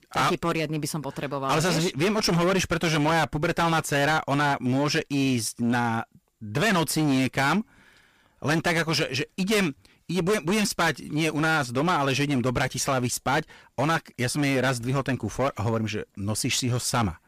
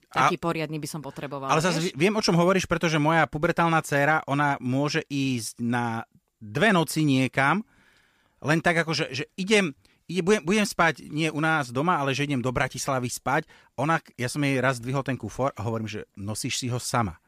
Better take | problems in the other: second | distortion; heavy; 16% of the sound clipped

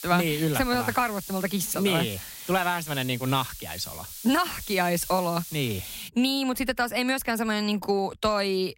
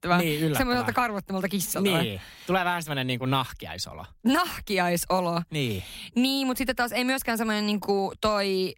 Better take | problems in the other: second | hiss; noticeable; until 6 s; 10 dB below the speech

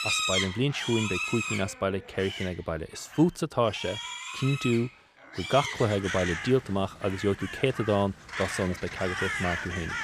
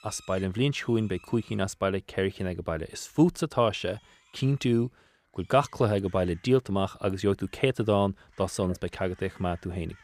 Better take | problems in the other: second | animal sounds; loud; throughout; 4 dB below the speech; faint in the second

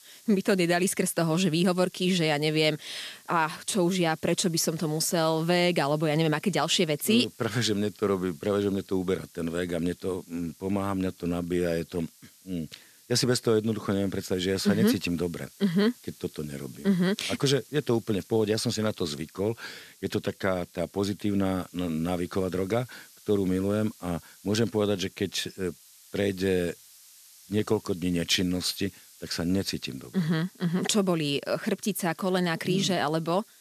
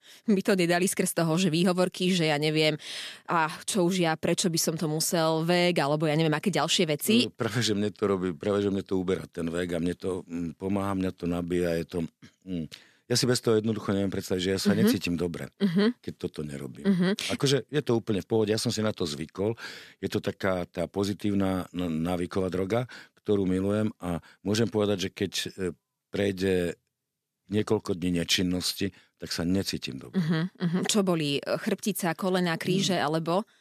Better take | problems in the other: second | hiss; faint; throughout; 25 dB below the speech

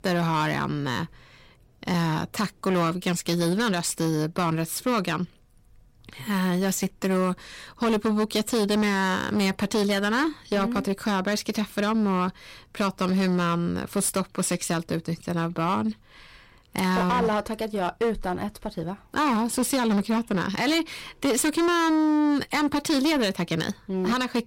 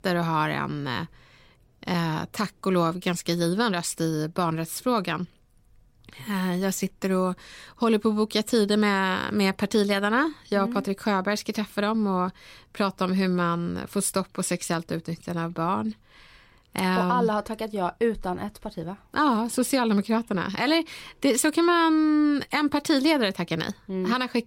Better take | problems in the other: second | distortion; slight; 15% of the sound clipped

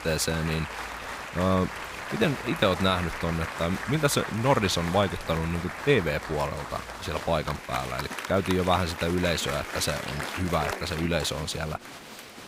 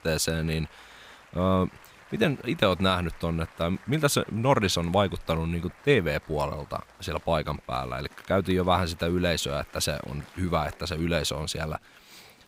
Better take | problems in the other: second | crowd noise; loud; throughout; 8 dB below the speech; faint in the second

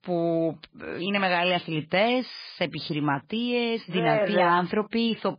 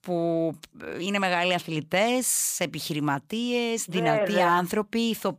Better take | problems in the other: second | garbled, watery; badly

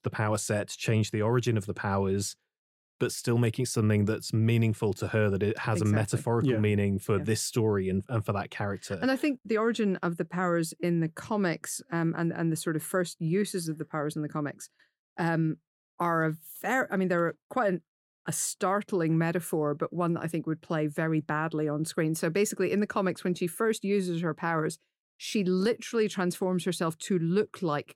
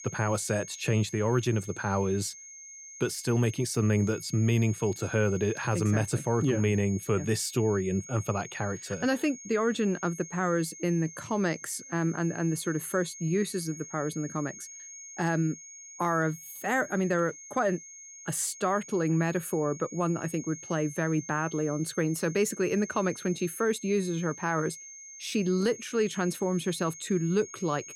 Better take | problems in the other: first | high-pitched whine; noticeable; throughout; 6.5 kHz, 15 dB below the speech

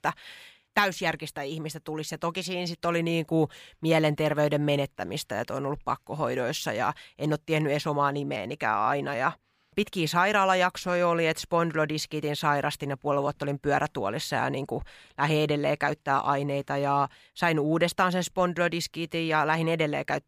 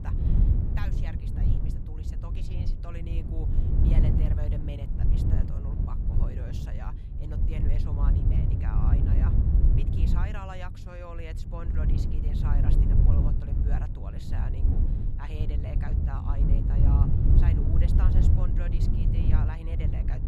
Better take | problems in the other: first | wind noise on the microphone; heavy; 3 dB above the speech

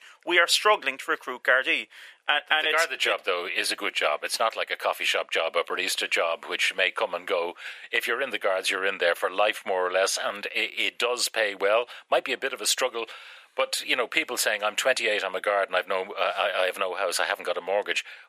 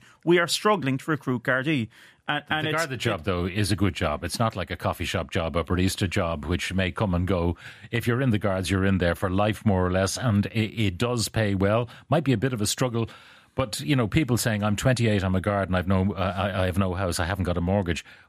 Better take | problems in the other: second | thin; very; fading below 500 Hz

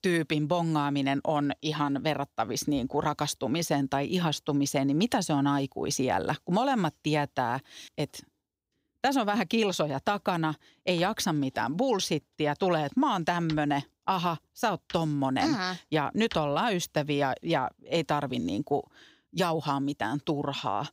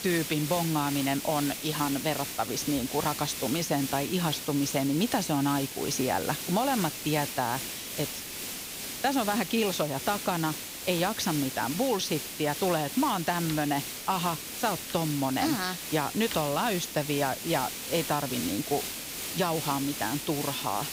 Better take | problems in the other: first | hiss; loud; throughout; 5 dB below the speech

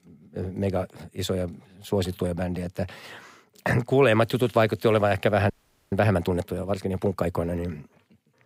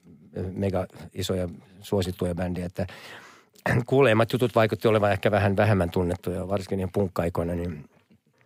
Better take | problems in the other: second | audio freezing; at 5.5 s

